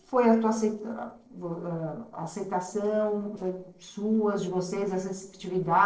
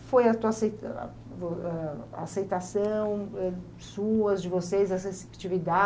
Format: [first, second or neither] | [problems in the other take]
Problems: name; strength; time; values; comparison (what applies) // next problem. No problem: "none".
second | noise reduction (neural separator model SepFormer DNS4)